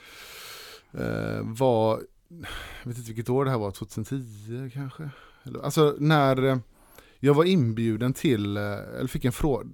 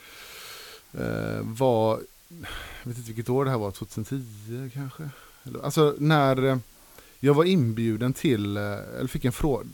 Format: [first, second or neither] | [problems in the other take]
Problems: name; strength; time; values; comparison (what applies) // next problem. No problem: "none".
first | hiss; faint; throughout; 25 dB below the speech